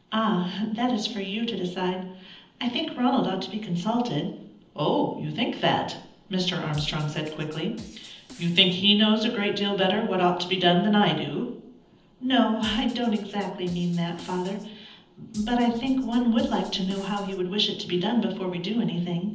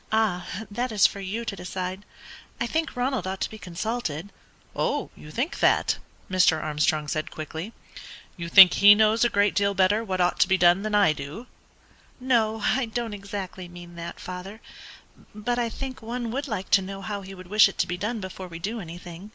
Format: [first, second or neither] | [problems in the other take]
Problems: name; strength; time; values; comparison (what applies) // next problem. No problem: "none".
second | noise reduction (neural separator model SepFormer DNS4)